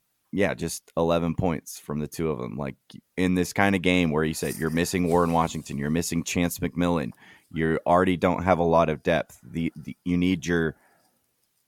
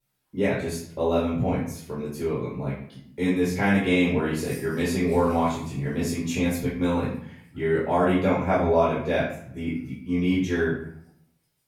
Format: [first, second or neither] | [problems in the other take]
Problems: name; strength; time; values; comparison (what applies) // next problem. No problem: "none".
first | room echo; noticeable; dies away in 0.6 s // off-mic speech; far